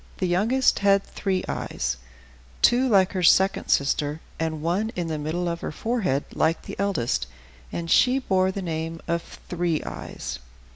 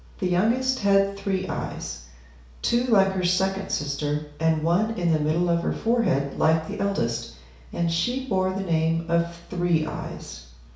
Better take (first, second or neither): first